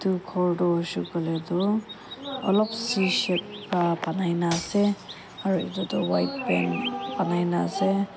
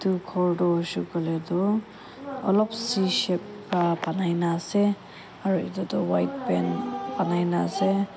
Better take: second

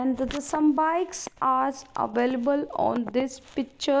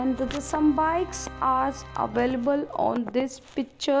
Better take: first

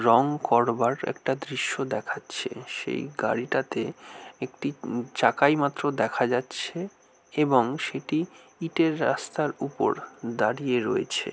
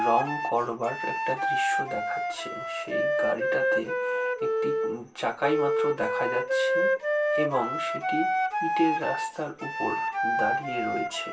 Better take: first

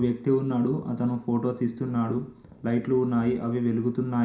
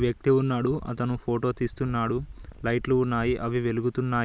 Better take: second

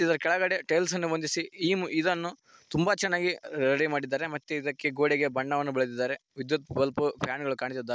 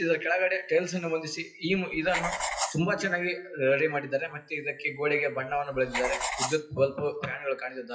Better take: first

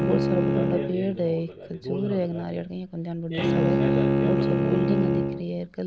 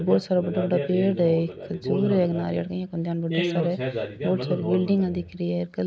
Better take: second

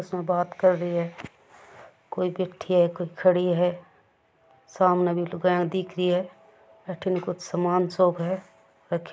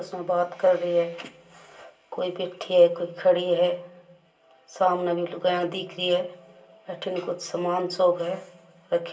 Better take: first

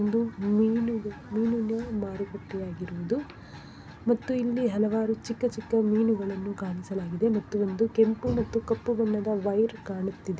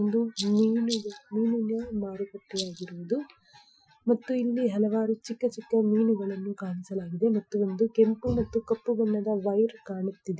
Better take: first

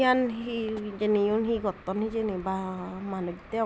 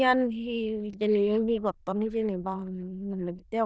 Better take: first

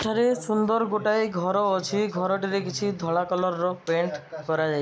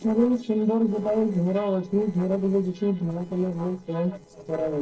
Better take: first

